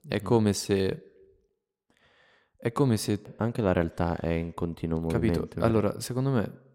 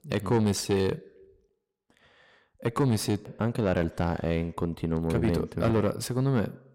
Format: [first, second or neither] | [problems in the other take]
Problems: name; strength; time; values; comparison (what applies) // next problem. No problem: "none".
first | distortion; slight; 10 dB below the speech